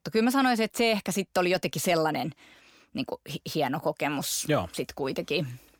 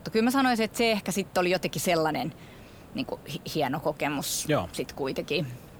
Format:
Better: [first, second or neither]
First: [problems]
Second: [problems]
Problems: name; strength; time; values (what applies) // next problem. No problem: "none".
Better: first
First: none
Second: hiss; faint; throughout; 20 dB below the speech